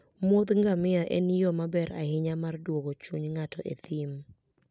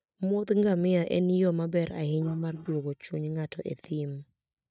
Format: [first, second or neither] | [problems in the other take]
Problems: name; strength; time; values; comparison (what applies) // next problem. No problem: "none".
first | noise reduction (neural mask model DeepFilterNet 3)